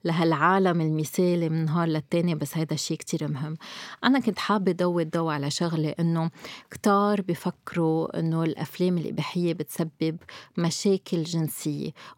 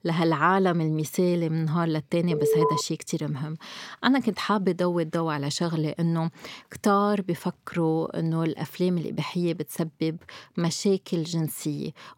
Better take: first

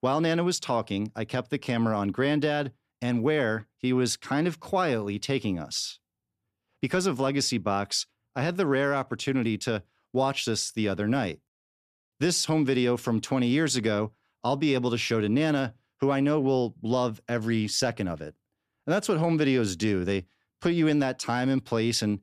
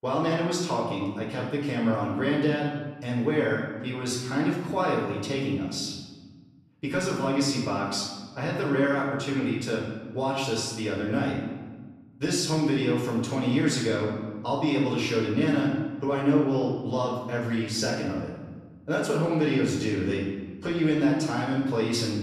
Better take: first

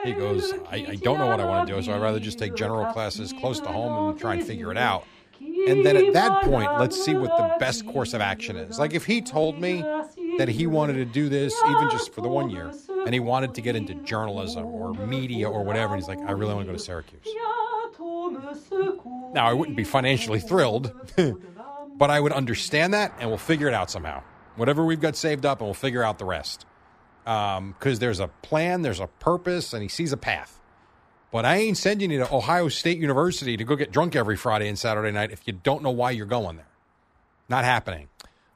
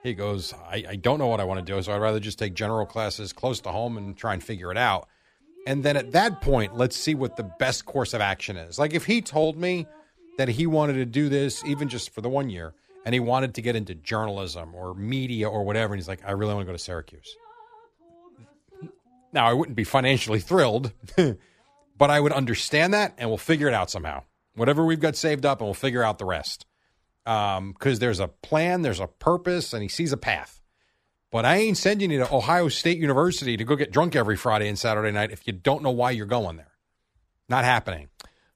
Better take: second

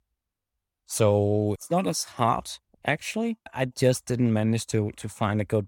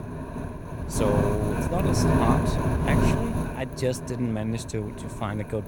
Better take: first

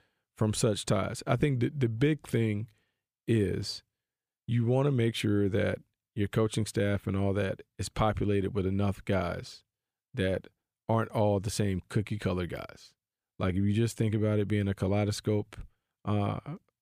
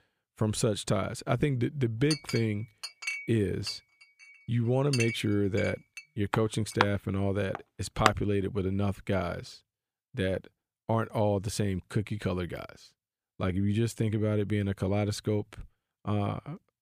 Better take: first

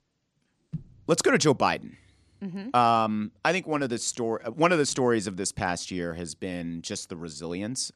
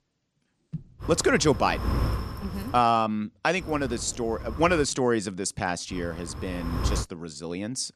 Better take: first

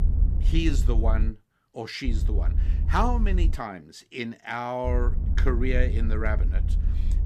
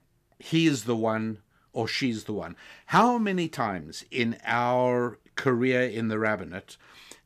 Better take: second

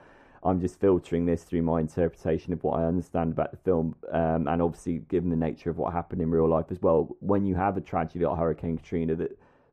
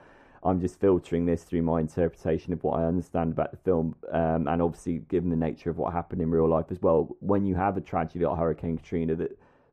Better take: neither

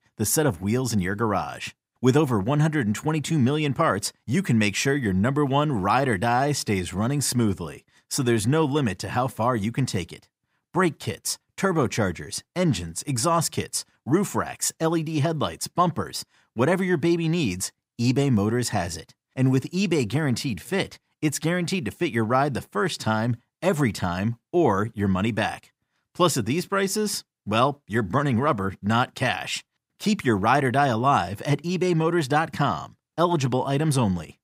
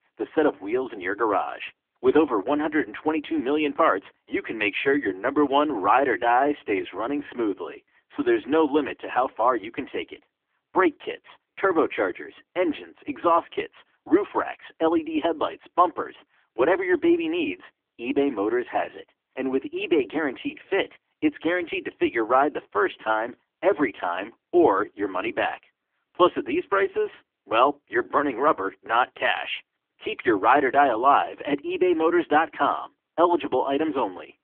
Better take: first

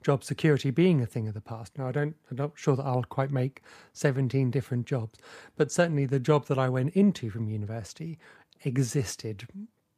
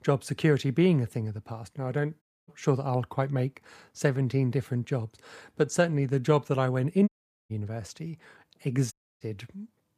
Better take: first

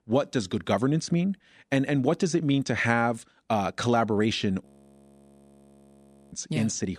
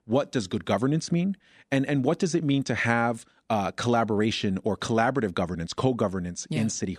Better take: second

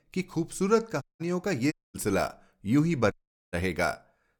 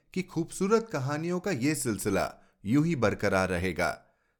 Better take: second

